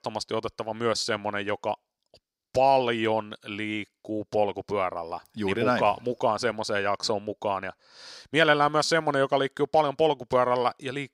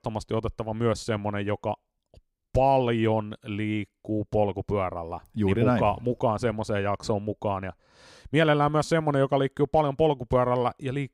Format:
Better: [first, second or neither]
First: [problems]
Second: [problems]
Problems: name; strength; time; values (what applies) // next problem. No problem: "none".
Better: second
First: thin; somewhat; fading below 500 Hz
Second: none